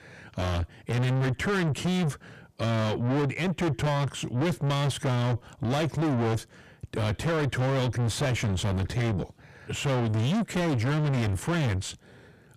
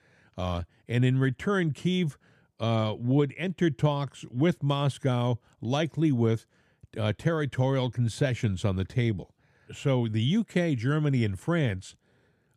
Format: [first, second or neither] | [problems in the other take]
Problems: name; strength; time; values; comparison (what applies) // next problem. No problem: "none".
second | distortion; heavy; 5 dB below the speech